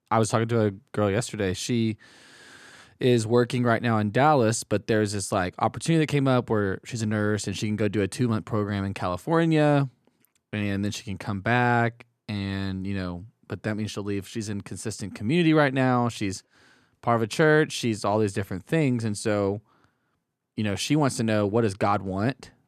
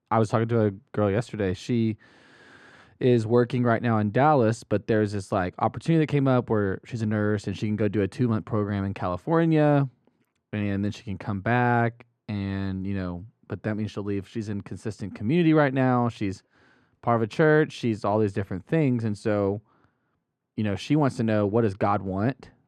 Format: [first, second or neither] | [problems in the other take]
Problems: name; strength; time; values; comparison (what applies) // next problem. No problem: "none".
first | muffled; slightly; fading above 1.5 kHz